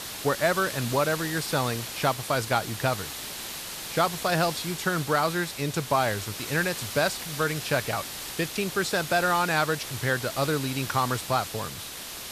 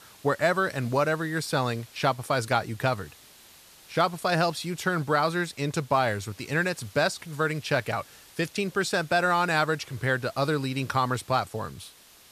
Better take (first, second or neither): second